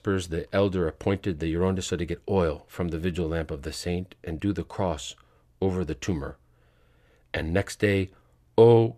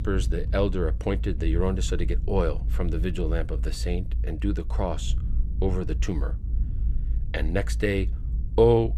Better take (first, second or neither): first